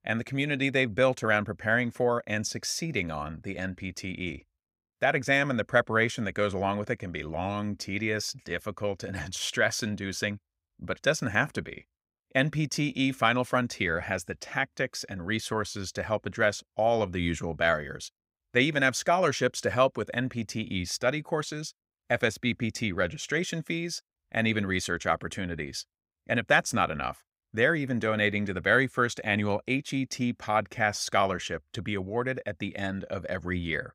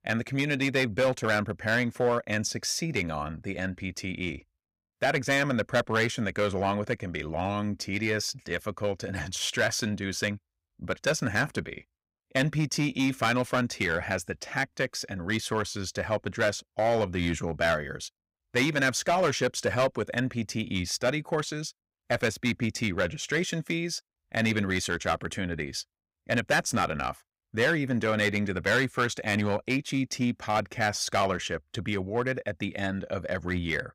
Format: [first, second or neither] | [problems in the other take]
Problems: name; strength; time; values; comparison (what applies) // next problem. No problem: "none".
first | distortion; slight; 4% of the sound clipped